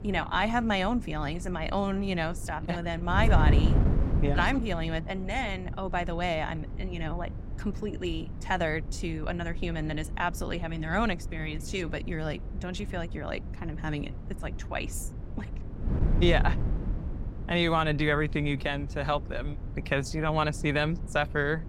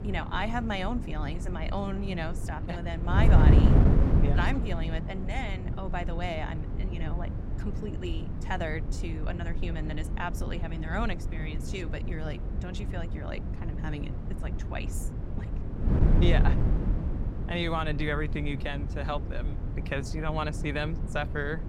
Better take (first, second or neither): first